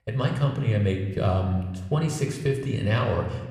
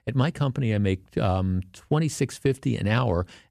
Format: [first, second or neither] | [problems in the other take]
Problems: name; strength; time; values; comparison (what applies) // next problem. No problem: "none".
second | room echo; slight; dies away in 1 s